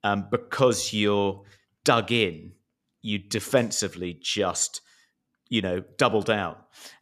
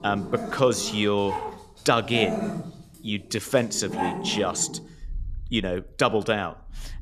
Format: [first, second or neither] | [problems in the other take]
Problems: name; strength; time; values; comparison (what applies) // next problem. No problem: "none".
first | animal sounds; loud; throughout; 8 dB below the speech